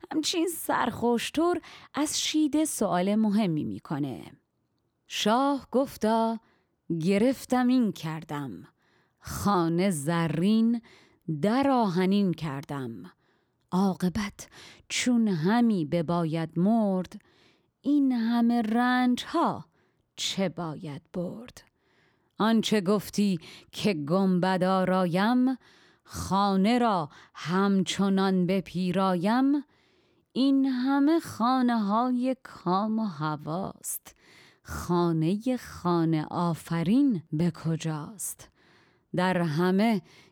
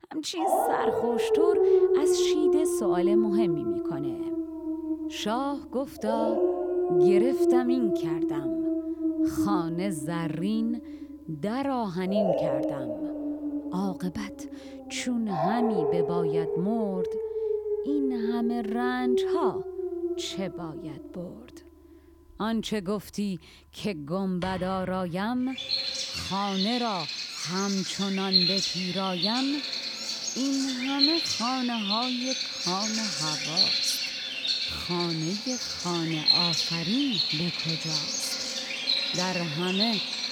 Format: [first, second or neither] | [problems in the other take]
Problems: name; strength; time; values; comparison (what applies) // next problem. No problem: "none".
first | animal sounds; very loud; throughout; 4 dB above the speech